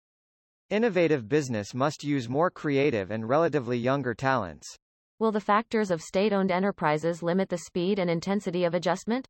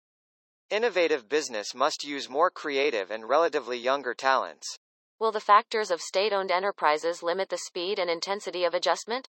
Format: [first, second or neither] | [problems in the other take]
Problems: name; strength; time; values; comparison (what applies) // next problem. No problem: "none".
first | thin; very; fading below 400 Hz